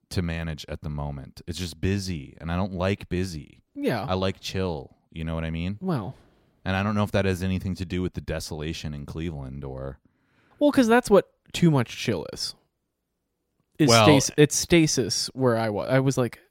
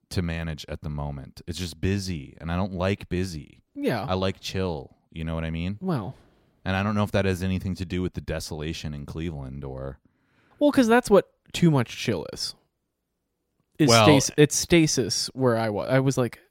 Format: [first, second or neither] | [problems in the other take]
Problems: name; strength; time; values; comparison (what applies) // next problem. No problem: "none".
neither | none